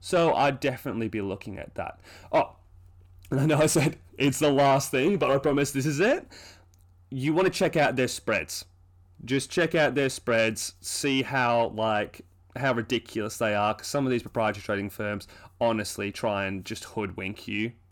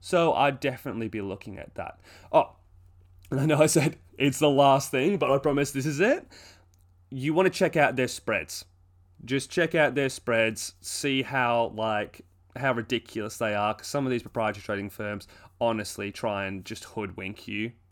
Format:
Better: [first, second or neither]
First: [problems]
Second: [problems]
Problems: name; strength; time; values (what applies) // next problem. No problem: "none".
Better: second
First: distortion; slight; 10 dB below the speech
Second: none